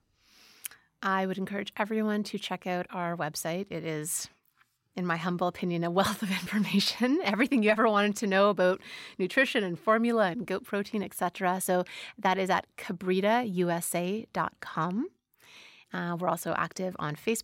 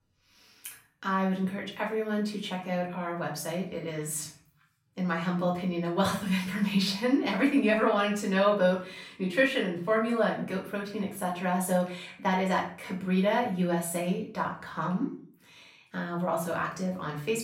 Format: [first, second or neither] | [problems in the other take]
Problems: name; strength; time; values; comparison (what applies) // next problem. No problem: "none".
first | room echo; slight; dies away in 0.4 s // off-mic speech; far